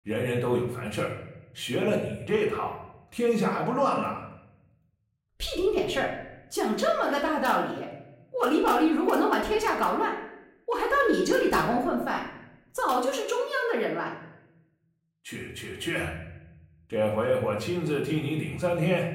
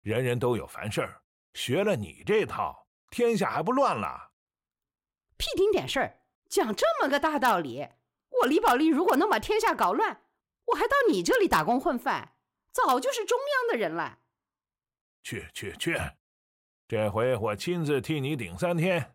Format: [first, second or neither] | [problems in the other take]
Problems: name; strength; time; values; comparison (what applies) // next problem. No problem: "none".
second | room echo; slight; dies away in 0.8 s // off-mic speech; far